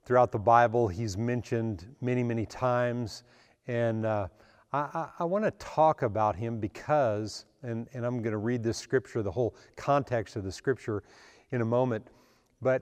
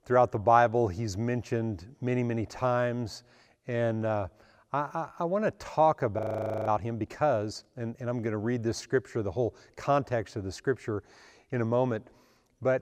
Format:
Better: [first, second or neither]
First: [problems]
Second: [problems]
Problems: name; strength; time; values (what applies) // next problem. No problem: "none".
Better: first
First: none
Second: audio freezing; at 6 s